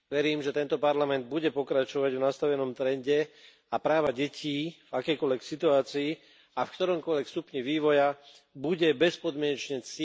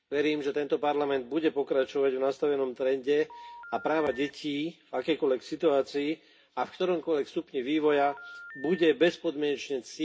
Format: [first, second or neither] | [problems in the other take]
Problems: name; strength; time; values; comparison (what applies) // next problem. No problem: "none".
first | background sound (Telephone); 18 dB below the speech // room echo; dies away in 0.3 s